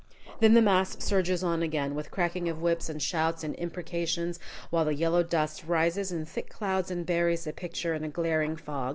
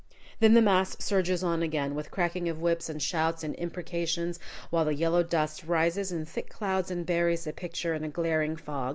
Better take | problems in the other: second | background sound (Growling); 16 dB below the speech

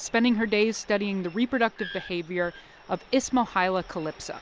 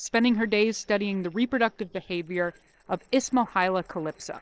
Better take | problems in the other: first | noise reduction (neural separator model SepFormer DNS4)

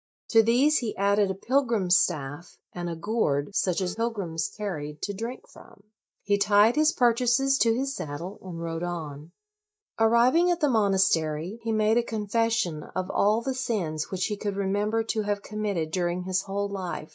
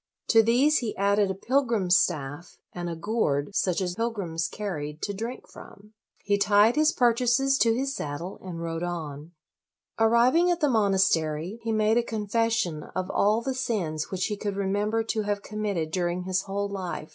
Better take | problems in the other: second | noise reduction (neural mask model DeepFilterNet 3)

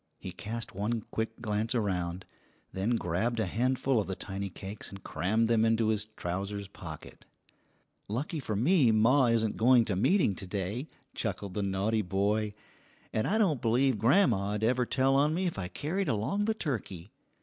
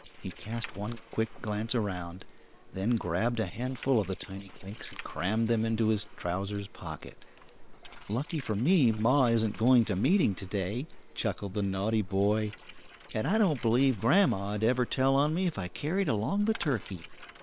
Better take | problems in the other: first | noise reduction (neural separator model SepFormer WHAM!)

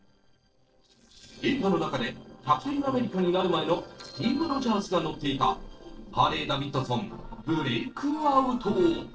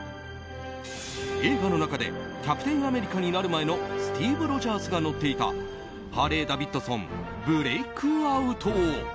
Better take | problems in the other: second | noise reduction (neural separator model SepFormer DNS4)

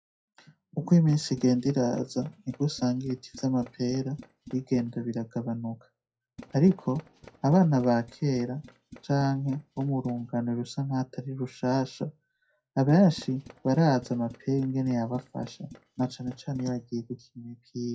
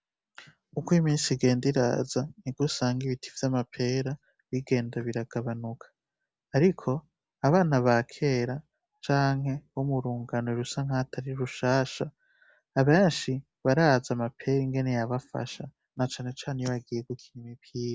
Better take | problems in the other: second | noise reduction (classical method WPE with log-MMSE)

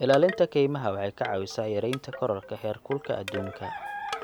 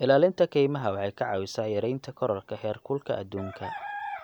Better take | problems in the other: second | background sound (Wind chime / Wood); 14 dB below the speech

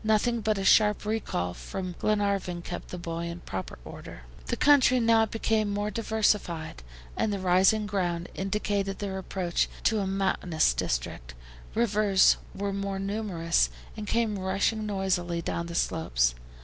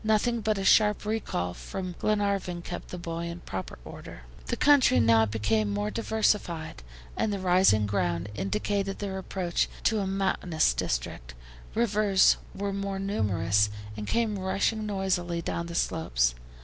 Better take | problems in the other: first | background sound (Bowed string instrument); 8 dB below the speech

